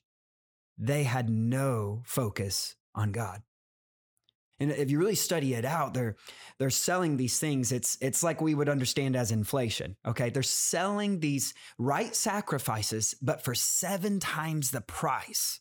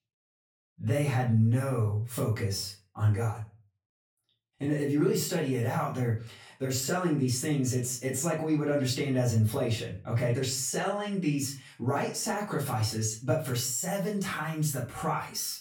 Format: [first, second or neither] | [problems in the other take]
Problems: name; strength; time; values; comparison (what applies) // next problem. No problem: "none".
first | off-mic speech; far // room echo; slight; dies away in 0.3 s